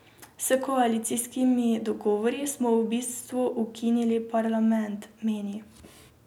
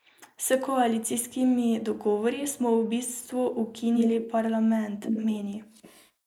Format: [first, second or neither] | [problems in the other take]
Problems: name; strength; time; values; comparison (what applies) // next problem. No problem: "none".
first | noise reduction (neural mask model Resemble Enhance denoiser)